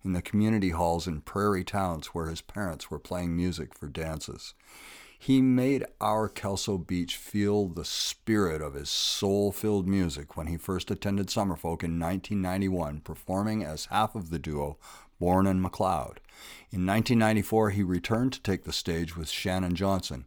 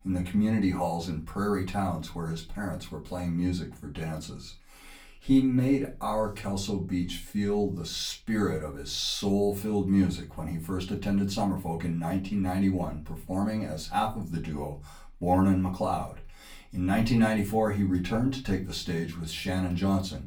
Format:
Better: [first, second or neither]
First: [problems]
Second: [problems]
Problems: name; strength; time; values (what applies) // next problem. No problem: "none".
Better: first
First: none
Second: off-mic speech; far // room echo; very slight; dies away in 0.3 s